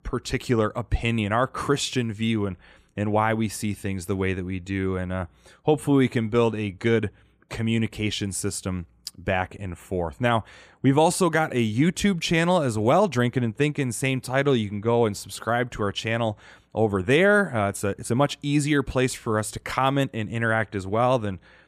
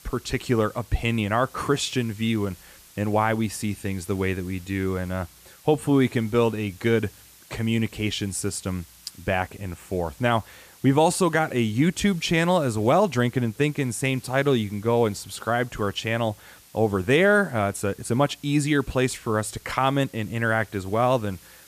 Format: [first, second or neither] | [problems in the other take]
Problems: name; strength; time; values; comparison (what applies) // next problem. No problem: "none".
first | hiss; faint; throughout; 25 dB below the speech